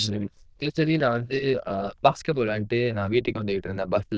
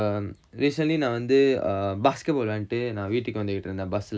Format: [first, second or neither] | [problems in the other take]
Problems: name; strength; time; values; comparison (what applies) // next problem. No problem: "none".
second | noise reduction (neural diffusion model UNIVERSE++)